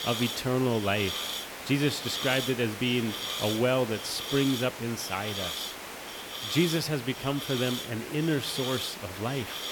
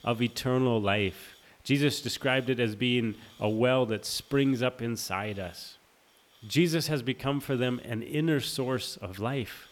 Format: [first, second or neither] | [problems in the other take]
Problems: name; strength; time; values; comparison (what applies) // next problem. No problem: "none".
second | hiss; loud; throughout; 5 dB below the speech; faint in the second